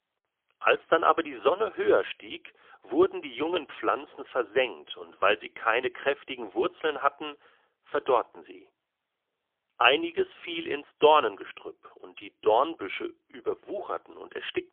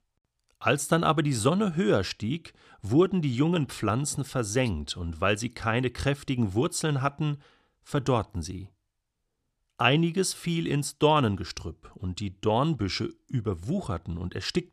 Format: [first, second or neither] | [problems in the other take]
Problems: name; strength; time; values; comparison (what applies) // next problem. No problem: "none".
second | phone-call audio; poor line; nothing above 3.5 kHz